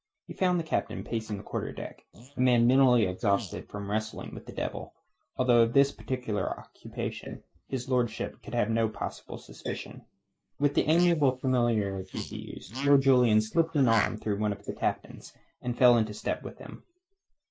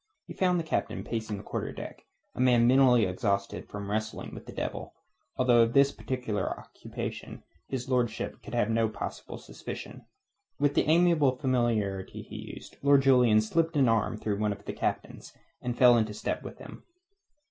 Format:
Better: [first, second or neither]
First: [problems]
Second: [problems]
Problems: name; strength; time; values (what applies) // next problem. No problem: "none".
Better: second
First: noise reduction (neural mask model Resemble Enhance denoiser)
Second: none